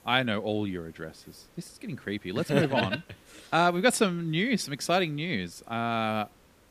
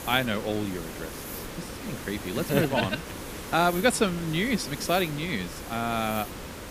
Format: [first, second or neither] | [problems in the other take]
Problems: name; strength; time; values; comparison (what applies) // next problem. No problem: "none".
first | hiss; loud; throughout; 10 dB below the speech; faint in the first